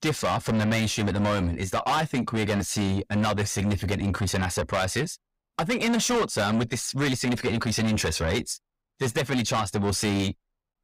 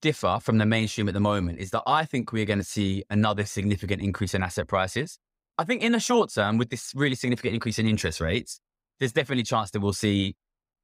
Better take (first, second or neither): second